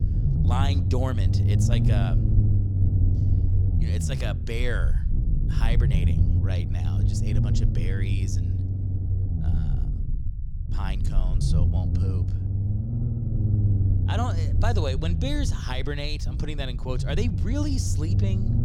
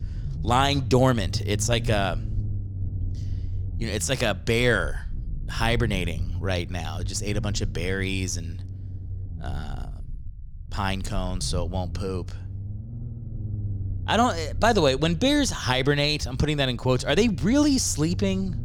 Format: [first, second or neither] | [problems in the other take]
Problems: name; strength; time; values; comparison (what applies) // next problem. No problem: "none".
second | low rumble; loud; throughout; 4 dB below the speech; faint in the second